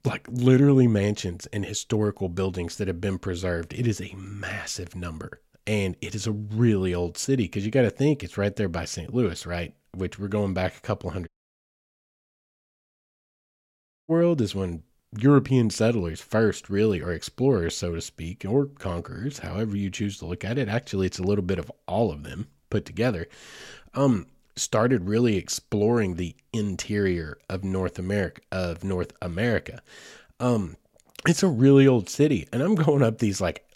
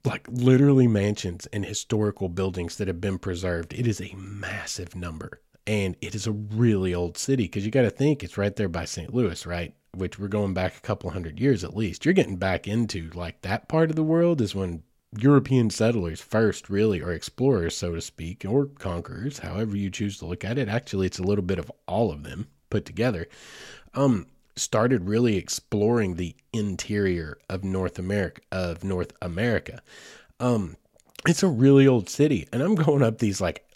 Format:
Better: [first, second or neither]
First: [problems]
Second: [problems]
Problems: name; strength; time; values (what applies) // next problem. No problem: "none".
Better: second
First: audio cutting out; at 11 s for 3 s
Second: none